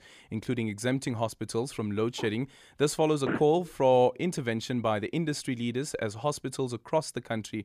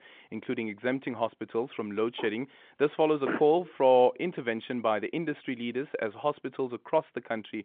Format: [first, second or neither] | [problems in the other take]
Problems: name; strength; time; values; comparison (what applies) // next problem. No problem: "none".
first | phone-call audio